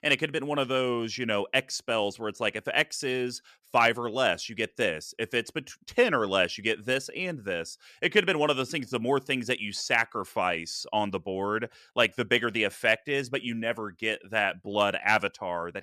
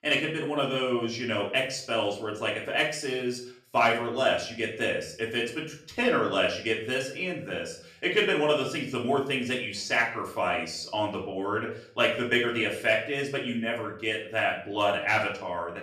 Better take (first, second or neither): first